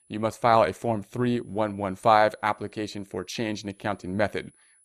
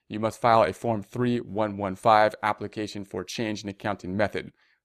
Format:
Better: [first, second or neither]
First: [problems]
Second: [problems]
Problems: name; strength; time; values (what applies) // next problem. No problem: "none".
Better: second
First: high-pitched whine; faint; throughout; 10 kHz, 35 dB below the speech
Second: none